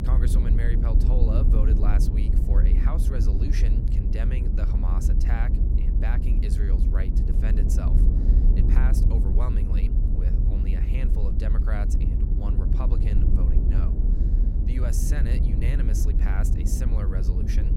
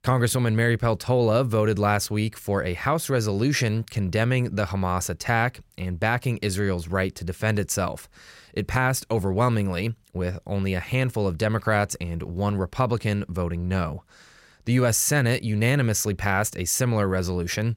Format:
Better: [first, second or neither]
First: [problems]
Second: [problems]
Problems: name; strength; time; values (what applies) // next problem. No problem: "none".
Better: second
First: low rumble; loud; throughout; as loud as the speech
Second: none